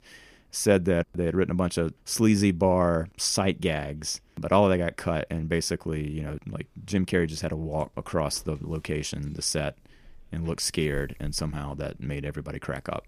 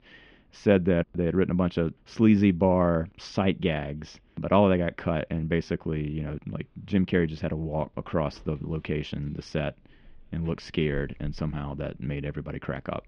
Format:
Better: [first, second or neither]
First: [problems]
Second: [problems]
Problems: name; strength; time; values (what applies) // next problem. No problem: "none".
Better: first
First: none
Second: muffled; very; fading above 3.5 kHz